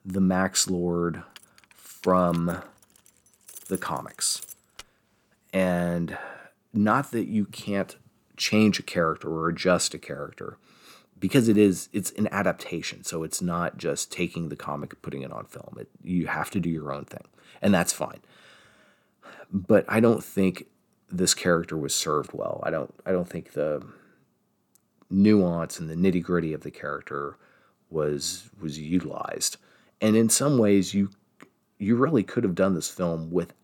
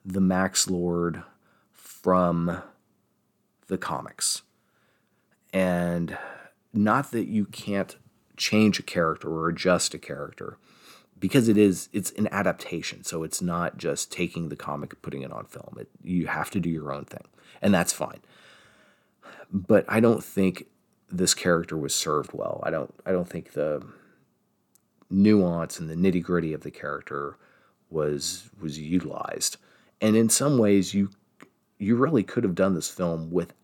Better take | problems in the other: second | jangling keys; faint; from 1.5 to 5 s; peak 15 dB below the speech

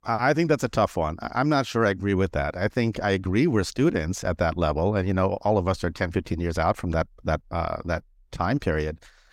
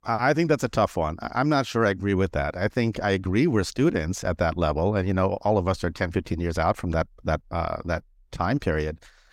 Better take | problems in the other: neither | none

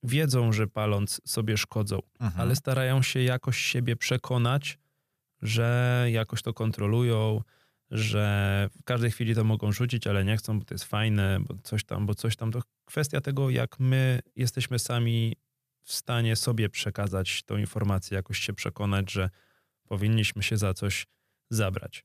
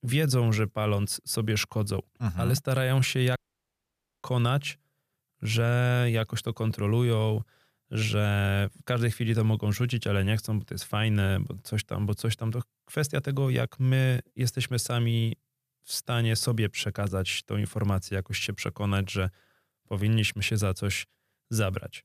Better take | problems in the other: first | audio cutting out; at 3.5 s for 1 s

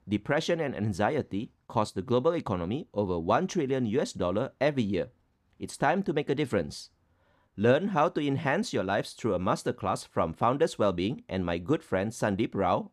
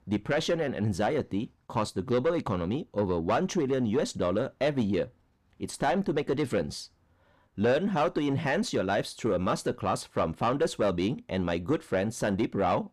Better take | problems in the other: first | distortion; slight; 10 dB below the speech

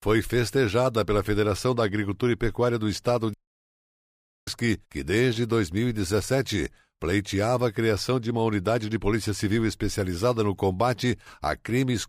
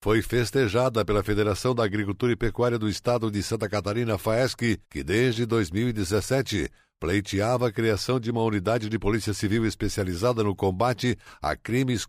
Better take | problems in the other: second | audio cutting out; at 3.5 s for 1 s

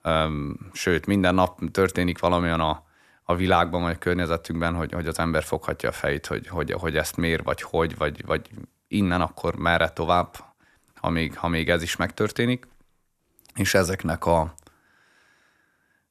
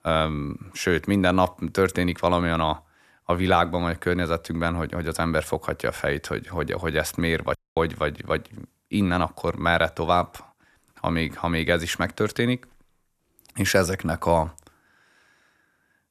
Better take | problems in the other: first | audio cutting out; at 7.5 s

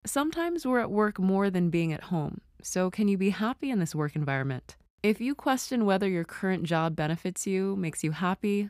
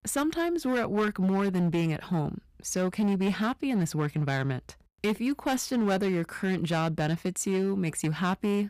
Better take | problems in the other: first | distortion; slight; 11% of the sound clipped

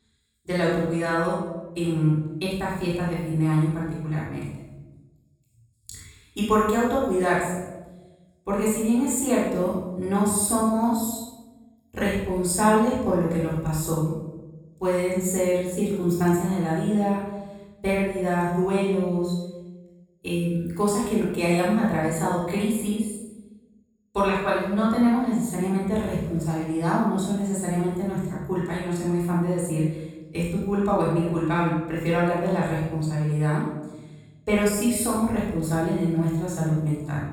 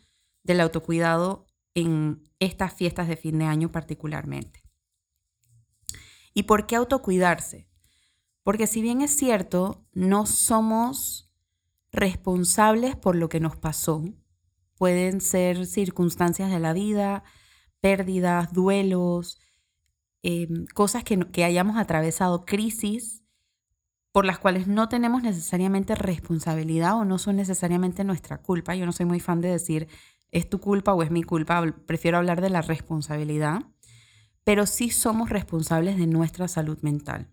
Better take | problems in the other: second | off-mic speech; far // room echo; strong; dies away in 1 s

